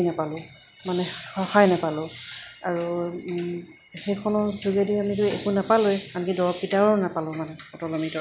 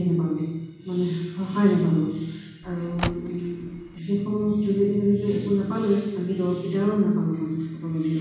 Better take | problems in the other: first | background sound (Car); 11 dB below the speech // room echo; dies away in 1.2 s

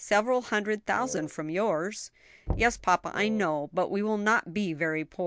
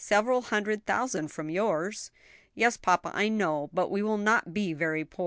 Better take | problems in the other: second | background sound (Wind instrument, woodwind instrument + Knock); 11 dB below the speech

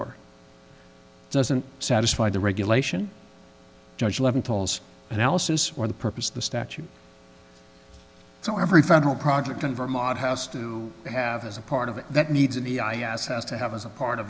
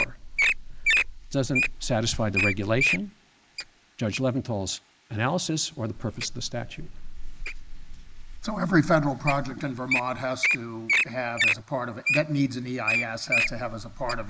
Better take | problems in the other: first | noise reduction (neural mask model Resemble Enhance denoiser)

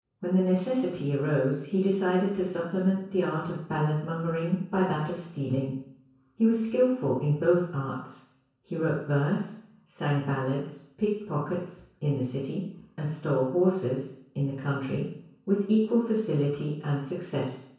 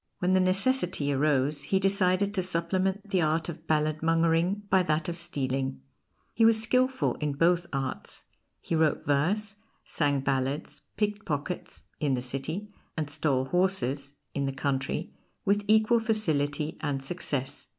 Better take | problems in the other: second | room echo; dies away in 0.6 s

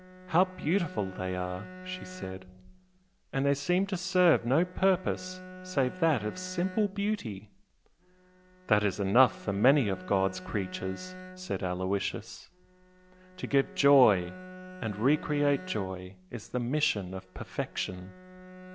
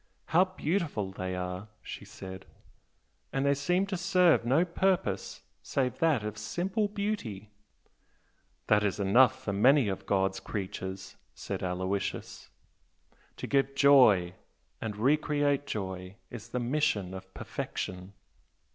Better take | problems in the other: second | background sound (Bowed string instrument); 16 dB below the speech

